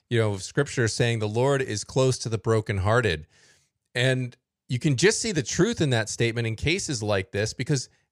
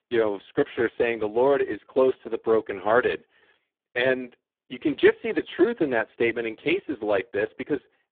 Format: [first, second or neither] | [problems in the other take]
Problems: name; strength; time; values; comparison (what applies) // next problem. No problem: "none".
first | phone-call audio; poor line